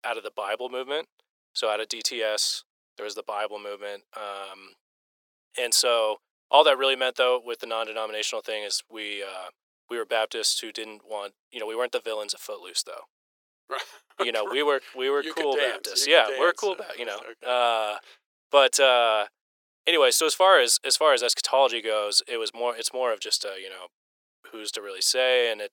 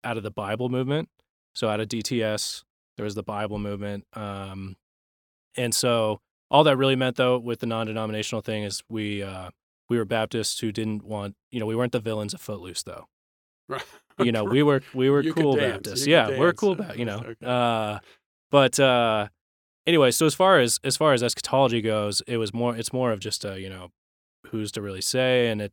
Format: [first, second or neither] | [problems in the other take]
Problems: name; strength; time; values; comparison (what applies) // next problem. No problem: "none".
second | thin; very; fading below 450 Hz